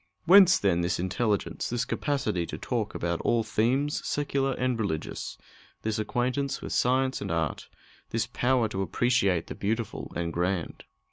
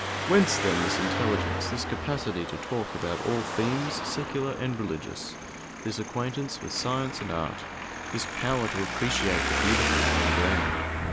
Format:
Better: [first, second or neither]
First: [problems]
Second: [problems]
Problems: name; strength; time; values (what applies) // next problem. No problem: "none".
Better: first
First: none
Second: background sound (Traffic noise, roadway noise); as loud as the speech